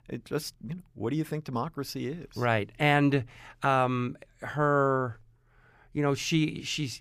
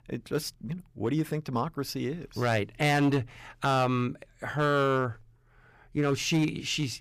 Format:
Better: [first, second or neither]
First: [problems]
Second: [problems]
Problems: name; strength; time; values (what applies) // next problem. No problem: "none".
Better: first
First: none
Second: distortion; slight; 4% of the sound clipped